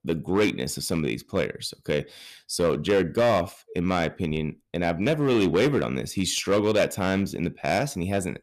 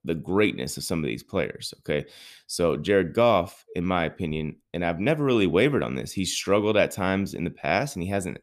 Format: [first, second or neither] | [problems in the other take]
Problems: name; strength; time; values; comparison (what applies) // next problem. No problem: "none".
second | distortion; slight; 5% of the sound clipped